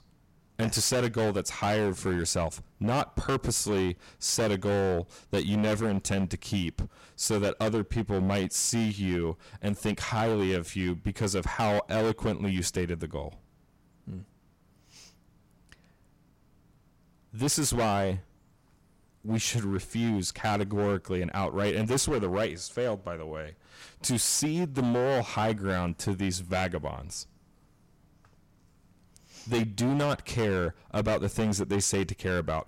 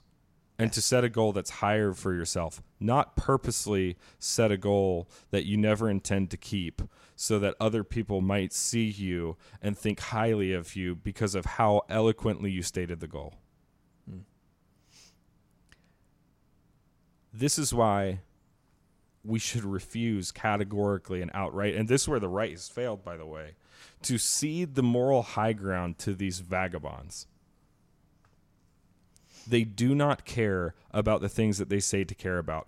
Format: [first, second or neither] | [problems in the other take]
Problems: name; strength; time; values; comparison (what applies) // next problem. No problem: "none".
second | distortion; heavy; 13% of the sound clipped